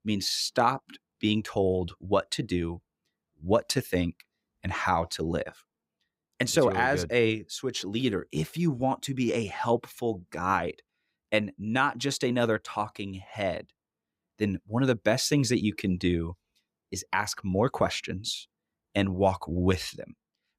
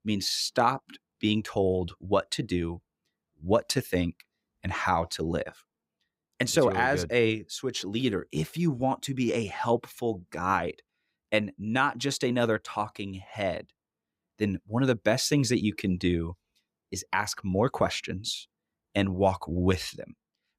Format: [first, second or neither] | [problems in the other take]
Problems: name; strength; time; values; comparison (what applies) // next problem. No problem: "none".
neither | none